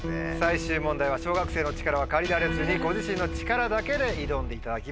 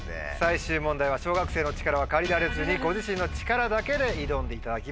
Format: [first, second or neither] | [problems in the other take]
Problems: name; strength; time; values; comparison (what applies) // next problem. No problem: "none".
second | background sound (Electric guitar); 9 dB below the speech